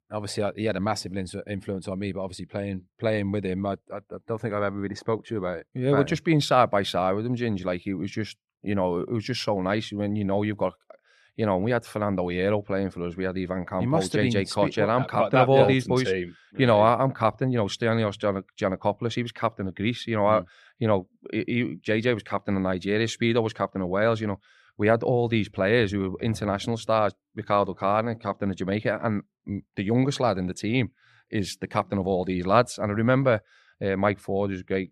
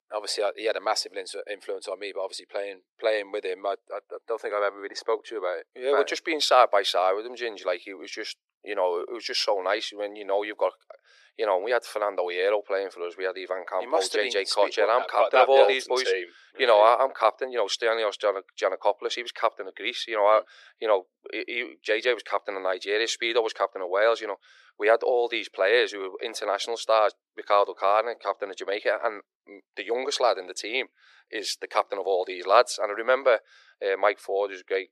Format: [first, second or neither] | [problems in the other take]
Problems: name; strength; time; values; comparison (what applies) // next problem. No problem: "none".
first | thin; very; fading below 400 Hz